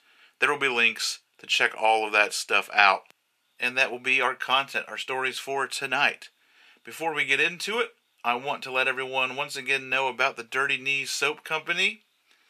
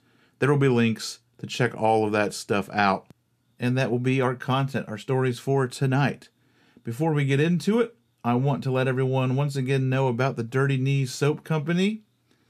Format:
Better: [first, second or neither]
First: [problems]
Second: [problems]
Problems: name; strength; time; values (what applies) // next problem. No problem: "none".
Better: second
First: thin; very; fading below 750 Hz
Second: none